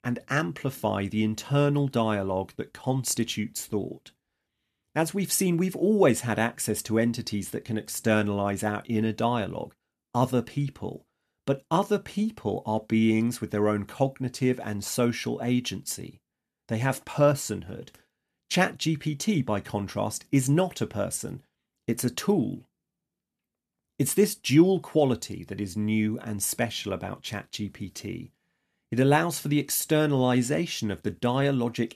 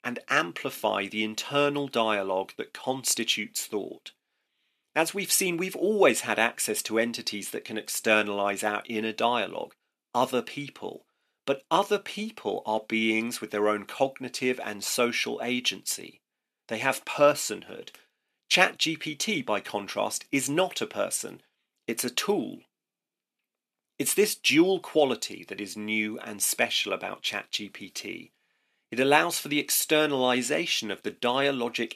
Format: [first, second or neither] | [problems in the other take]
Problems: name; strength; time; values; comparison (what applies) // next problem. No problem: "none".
first | thin; somewhat; fading below 350 Hz